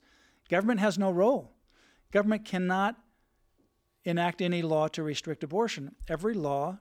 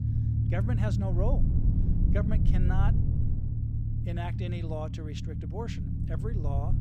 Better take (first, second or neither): first